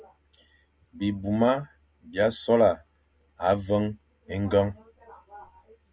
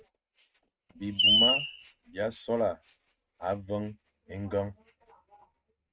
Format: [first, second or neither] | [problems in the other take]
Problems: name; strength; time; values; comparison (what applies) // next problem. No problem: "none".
first | noise reduction (neural mask model RNNoise)